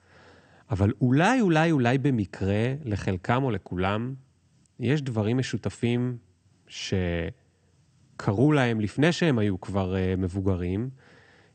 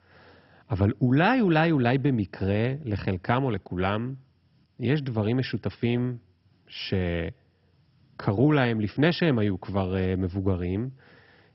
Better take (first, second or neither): first